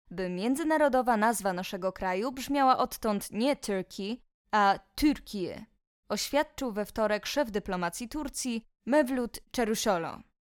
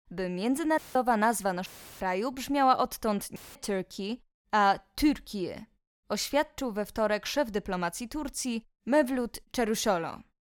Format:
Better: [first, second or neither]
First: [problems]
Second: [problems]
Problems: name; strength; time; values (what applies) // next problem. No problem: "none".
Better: first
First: none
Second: audio cutting out; filled with static; at 1 s, at 1.5 s and at 3.5 s